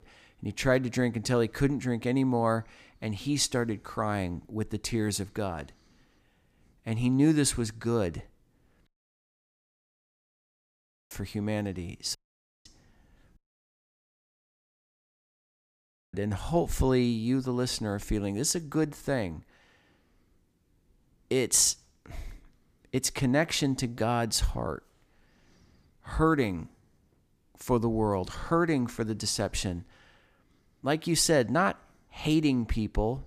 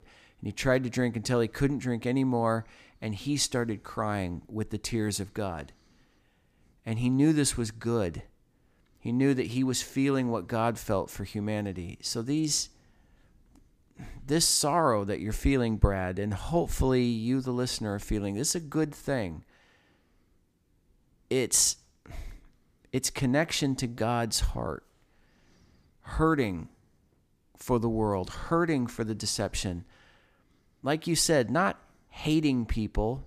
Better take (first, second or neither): second